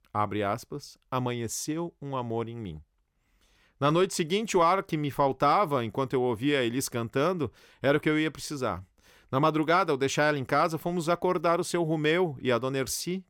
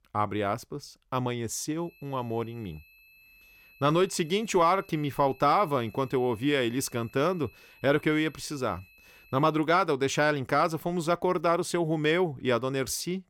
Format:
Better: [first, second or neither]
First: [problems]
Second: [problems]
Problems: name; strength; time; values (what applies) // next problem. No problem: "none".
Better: first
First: none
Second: high-pitched whine; faint; from 2 to 9.5 s; 2.5 kHz, 25 dB below the speech